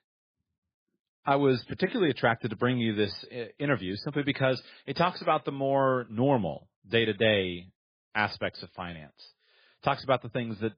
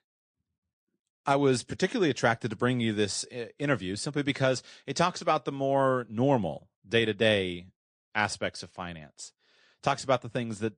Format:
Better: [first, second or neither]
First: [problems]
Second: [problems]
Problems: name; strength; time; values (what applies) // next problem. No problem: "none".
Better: second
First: garbled, watery; badly; nothing above 5 kHz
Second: garbled, watery; slightly; nothing above 9.5 kHz